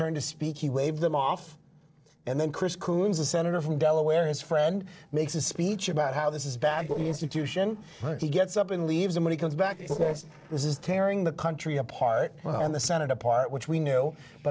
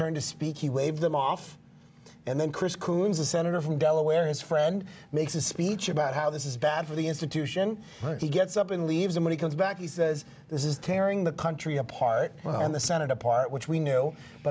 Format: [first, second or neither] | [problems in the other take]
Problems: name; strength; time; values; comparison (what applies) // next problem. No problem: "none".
second | noise reduction (neural separator model SepFormer DNS4)